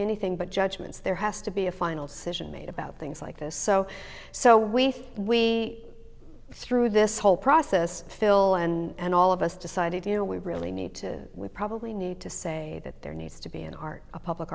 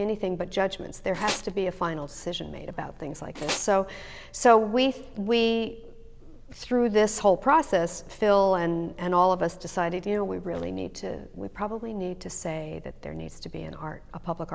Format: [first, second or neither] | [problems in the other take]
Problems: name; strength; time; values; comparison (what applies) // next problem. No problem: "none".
first | background sound (Tools); 7 dB below the speech